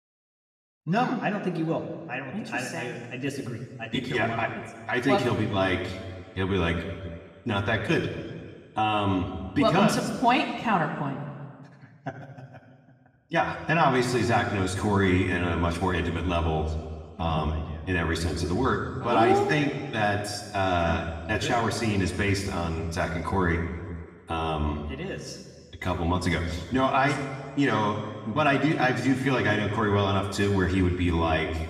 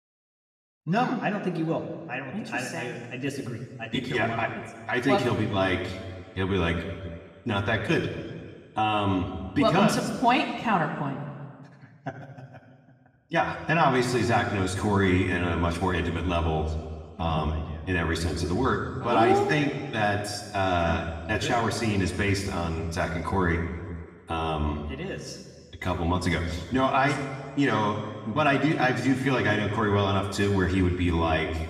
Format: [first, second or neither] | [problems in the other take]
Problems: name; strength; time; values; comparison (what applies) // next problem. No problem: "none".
neither | room echo; noticeable; dies away in 1.6 s; the same in both // off-mic speech; somewhat distant; the same in both